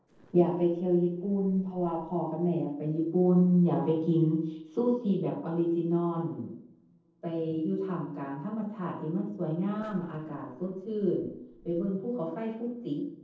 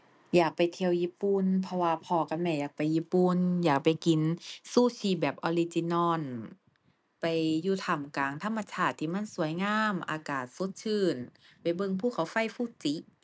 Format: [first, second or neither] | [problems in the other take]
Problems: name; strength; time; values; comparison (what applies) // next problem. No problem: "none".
second | noise reduction (neural separator model SepFormer DNS4)